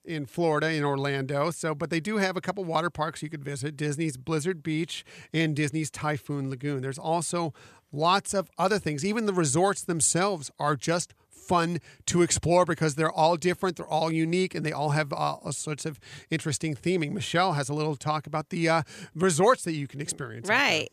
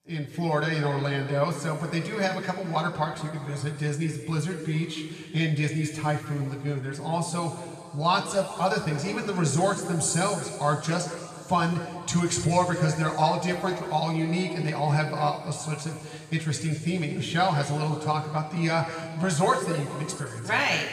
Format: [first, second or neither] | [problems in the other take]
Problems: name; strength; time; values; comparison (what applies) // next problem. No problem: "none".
first | room echo; noticeable; dies away in 2.3 s // off-mic speech; far